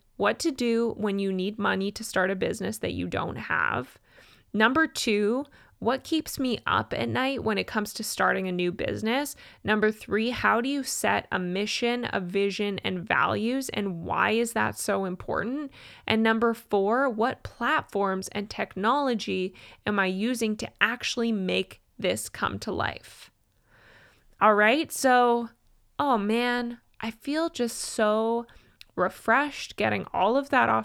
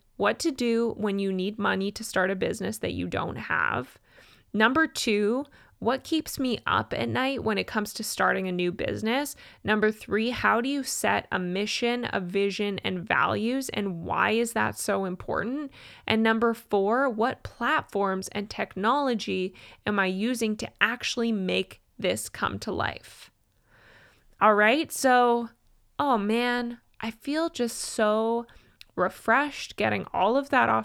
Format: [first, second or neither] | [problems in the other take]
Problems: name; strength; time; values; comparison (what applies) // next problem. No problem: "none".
neither | none